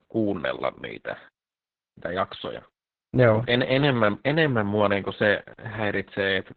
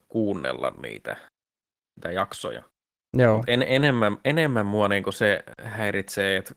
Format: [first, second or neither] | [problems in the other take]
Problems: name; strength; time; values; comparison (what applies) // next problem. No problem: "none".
second | garbled, watery; badly; nothing above 4 kHz; slightly in the second